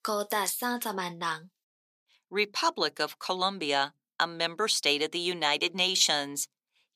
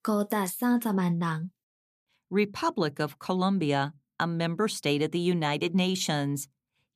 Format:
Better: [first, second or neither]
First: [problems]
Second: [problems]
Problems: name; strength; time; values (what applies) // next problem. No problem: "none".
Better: second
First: thin; somewhat; fading below 450 Hz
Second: none